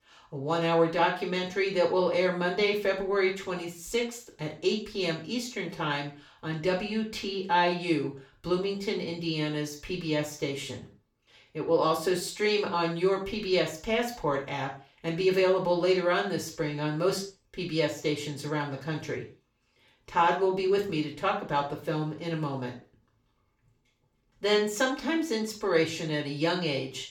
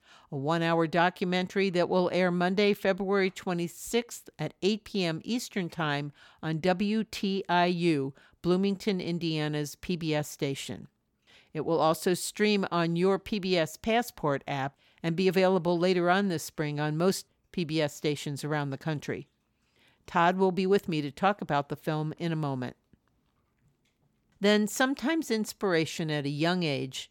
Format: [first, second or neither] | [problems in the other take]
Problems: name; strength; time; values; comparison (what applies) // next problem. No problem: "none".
second | room echo; slight; dies away in 0.3 s // off-mic speech; far